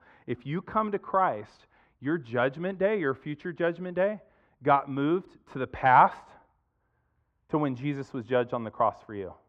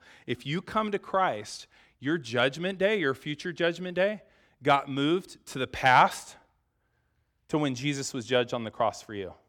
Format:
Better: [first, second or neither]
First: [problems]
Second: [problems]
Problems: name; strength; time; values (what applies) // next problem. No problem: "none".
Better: second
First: muffled; very; fading above 3.5 kHz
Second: none